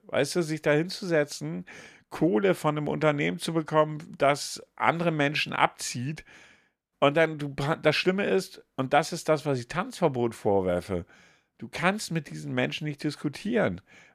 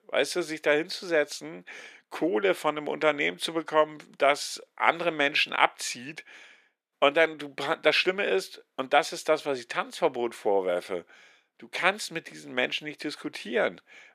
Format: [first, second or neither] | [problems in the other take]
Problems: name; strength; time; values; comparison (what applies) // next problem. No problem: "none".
first | thin; somewhat; fading below 400 Hz